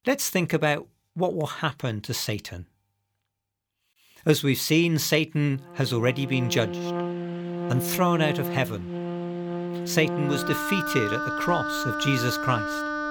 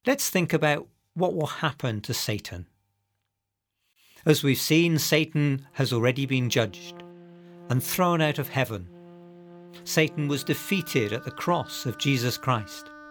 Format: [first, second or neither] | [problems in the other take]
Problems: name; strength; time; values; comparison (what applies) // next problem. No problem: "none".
second | background music; loud; from 6.5 s on; 5 dB below the speech; faint in the second